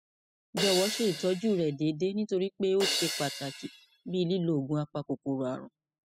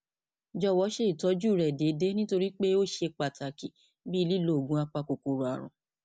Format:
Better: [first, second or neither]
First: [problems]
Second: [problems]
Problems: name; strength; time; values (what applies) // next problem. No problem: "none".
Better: second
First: noise reduction (classical method spectral subtraction)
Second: none